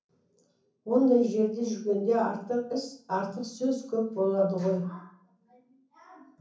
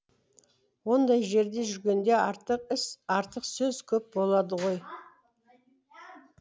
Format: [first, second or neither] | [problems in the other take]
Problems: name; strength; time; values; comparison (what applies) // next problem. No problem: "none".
second | room echo; dies away in 0.6 s